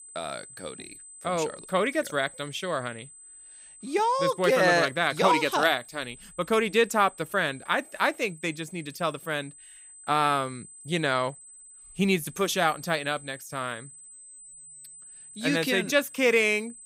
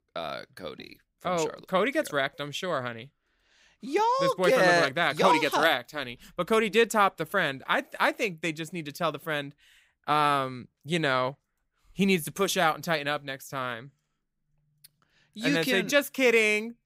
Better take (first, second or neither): second